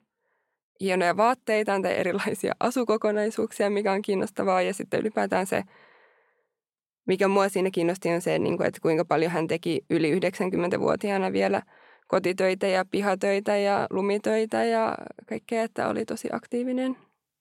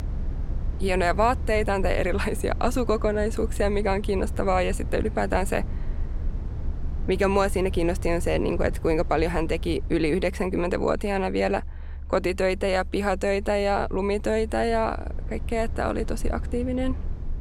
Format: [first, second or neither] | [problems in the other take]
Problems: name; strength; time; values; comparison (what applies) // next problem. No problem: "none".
first | low rumble; faint; throughout; 20 dB below the speech